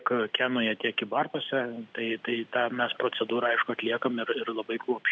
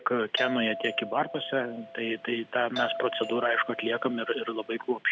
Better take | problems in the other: first | background sound (Doorbell); 10 dB below the speech

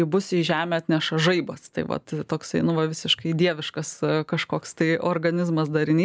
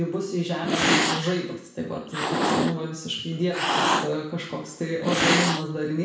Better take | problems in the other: first | background sound (Cat); 1 dB above the speech // room echo; dies away in 0.6 s

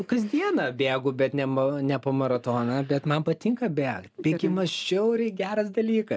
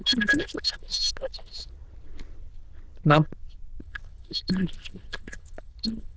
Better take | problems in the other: first | noise reduction (neural diffusion model UNIVERSE++)

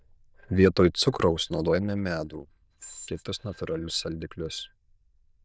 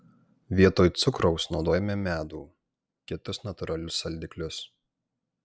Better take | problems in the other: second | noise reduction (neural diffusion model UNIVERSE++)

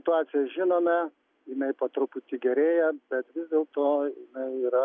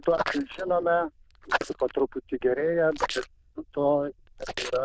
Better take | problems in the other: first | noise reduction (neural diffusion model UNIVERSE++)

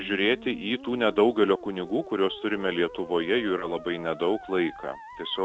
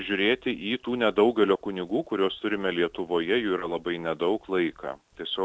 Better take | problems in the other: second | background sound (Musical instrument); 17 dB below the speech

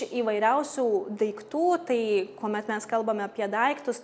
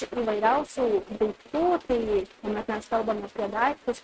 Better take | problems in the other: first | noise reduction (neural mask model RNNoise)

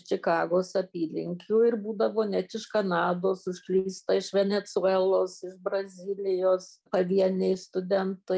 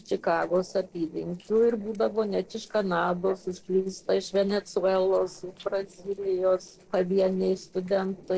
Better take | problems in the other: first | noise reduction (neural separator model SepFormer DNS4)

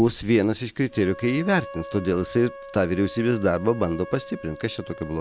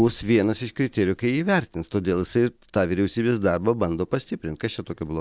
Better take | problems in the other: second | background sound (Wind instrument, woodwind instrument); 16 dB below the speech

